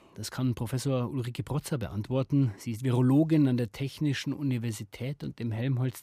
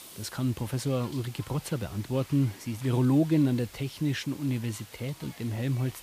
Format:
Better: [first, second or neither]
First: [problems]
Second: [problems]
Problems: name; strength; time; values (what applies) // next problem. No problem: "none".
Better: first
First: none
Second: hiss; noticeable; throughout; 20 dB below the speech